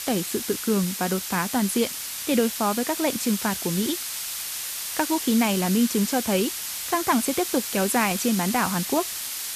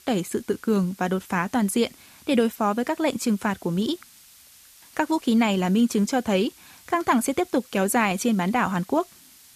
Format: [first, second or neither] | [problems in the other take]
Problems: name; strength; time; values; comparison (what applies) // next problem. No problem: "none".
second | hiss; loud; throughout; 4 dB below the speech; faint in the second